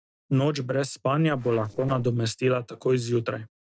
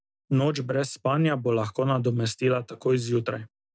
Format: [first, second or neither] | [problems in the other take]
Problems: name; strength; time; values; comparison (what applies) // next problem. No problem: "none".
second | noise reduction (neural separator model SepFormer DNS4)